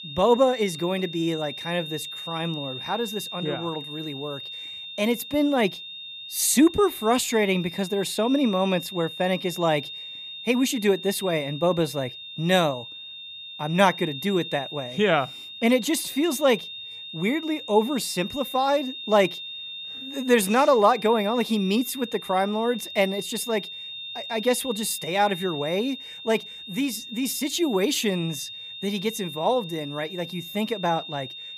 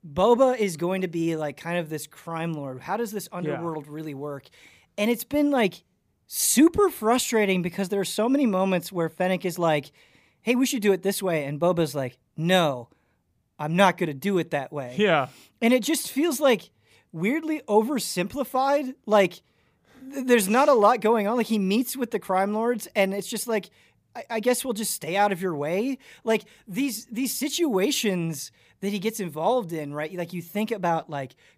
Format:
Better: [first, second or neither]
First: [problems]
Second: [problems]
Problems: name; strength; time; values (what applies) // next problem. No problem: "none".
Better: second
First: high-pitched whine; noticeable; throughout; 3.5 kHz, 10 dB below the speech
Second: none